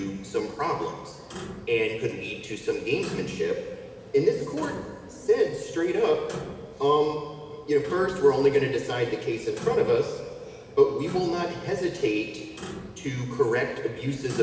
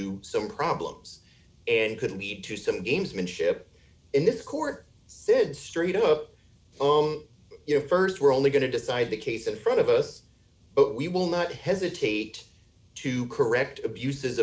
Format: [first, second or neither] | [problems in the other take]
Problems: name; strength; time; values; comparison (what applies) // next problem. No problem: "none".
second | background sound (Clock); 15 dB below the speech // room echo; dies away in 2.1 s